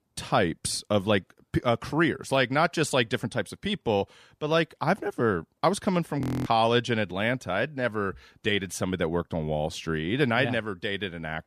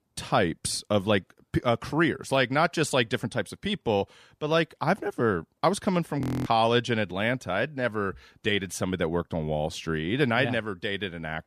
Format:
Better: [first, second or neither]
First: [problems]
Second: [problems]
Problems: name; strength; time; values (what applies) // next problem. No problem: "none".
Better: neither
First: audio freezing; at 6 s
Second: audio freezing; at 6 s